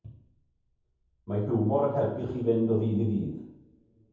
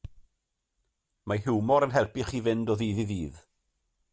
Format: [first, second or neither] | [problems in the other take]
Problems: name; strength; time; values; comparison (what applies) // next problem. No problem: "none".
second | room echo; dies away in 0.9 s